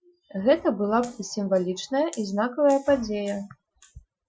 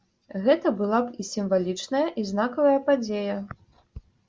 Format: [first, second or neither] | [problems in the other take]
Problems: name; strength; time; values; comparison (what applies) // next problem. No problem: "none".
second | noise reduction (classical method Wiener filter)